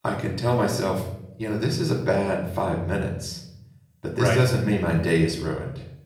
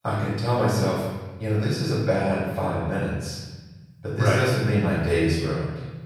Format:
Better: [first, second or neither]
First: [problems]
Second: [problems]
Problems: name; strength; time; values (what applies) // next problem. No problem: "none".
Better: first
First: room echo; slight; dies away in 0.6 s // off-mic speech; far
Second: room echo; strong; dies away in 1.3 s // off-mic speech; far